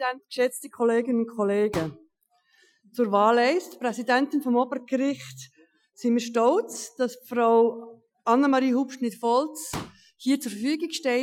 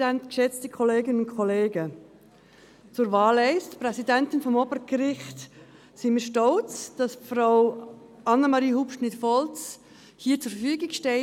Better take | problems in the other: second | noise reduction (classical method Wiener filter)

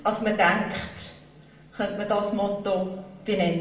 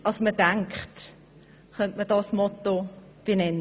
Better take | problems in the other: second | room echo; dies away in 0.8 s

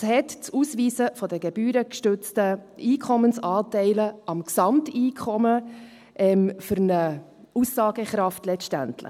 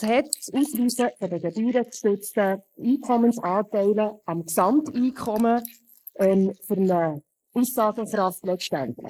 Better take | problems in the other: first | noise reduction (neural mask model Resemble Enhance denoiser)

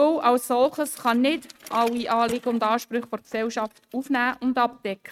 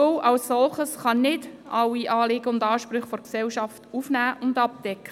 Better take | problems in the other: second | noise reduction (neural mask model RNNoise)

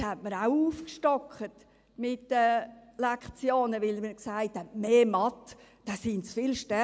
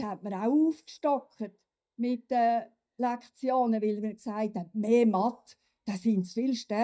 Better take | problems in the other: first | noise reduction (neural mask model DeepFilterNet 3)

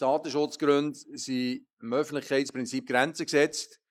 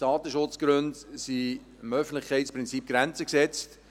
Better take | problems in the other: second | noise reduction (neural mask model Resemble Enhance denoiser)

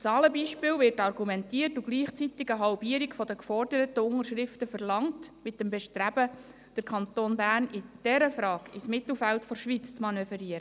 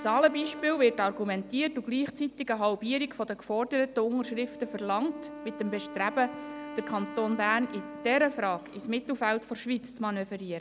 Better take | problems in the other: first | background sound (Wind instrument, woodwind instrument); 14 dB below the speech

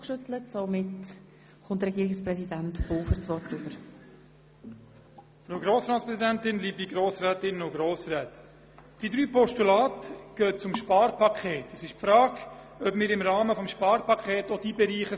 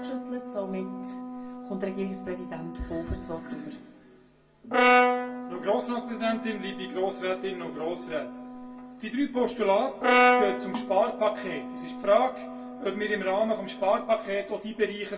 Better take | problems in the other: first | background sound (Brass instrument); 1 dB below the speech // room echo; dies away in 0.2 s

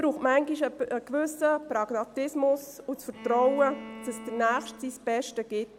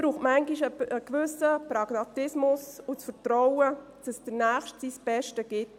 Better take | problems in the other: second | background sound (Bowed string instrument); 15 dB below the speech

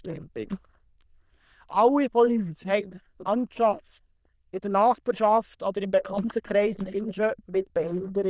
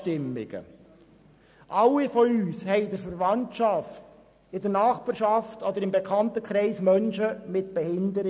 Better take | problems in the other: second | noise reduction (neural diffusion model UNIVERSE++)

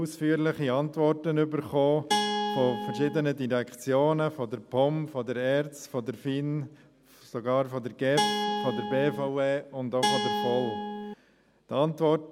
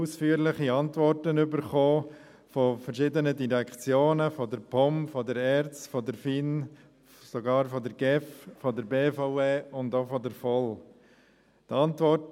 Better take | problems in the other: second | background sound (Guitar); 1 dB below the speech

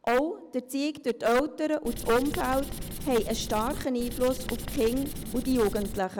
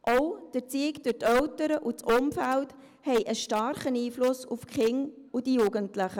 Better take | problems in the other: second | background sound (Writing); 7 dB below the speech

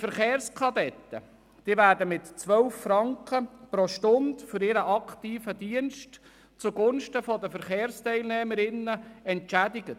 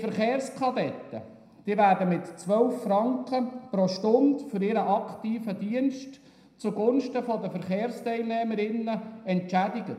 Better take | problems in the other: first | room echo; dies away in 0.7 s

